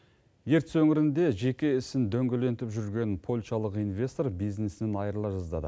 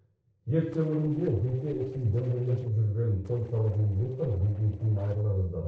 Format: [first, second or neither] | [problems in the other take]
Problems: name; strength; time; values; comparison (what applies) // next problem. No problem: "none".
first | noise reduction (neural separator model SepFormer DNS4)